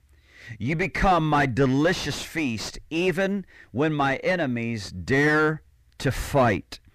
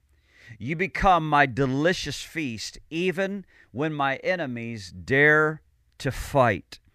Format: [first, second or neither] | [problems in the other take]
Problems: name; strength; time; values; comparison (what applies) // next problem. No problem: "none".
second | distortion; heavy; 5 dB below the speech